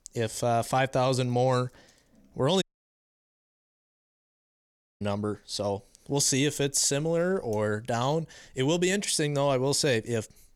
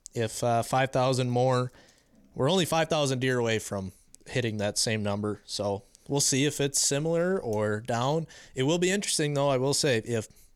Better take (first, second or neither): second